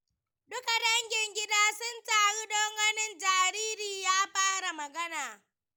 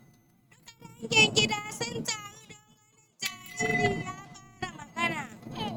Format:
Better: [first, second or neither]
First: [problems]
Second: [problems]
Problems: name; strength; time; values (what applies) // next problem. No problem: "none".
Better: first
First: none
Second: noise reduction (neural mask model RNNoise)